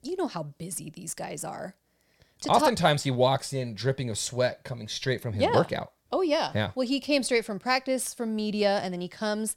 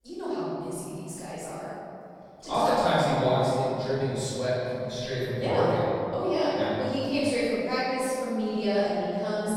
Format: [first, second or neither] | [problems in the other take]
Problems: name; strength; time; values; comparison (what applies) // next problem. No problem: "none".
first | off-mic speech; far // room echo; strong; dies away in 2.4 s